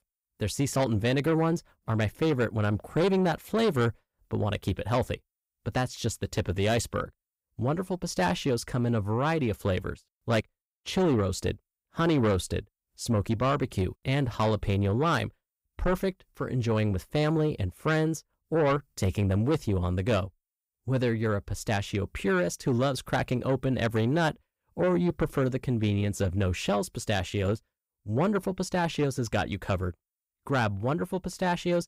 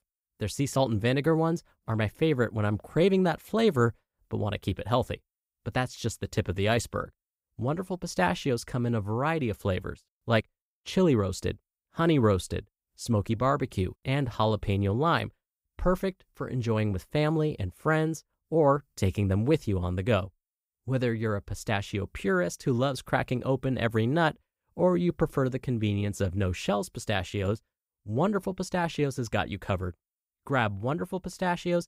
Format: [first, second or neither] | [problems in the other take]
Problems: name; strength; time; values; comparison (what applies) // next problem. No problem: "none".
second | distortion; slight; 10 dB below the speech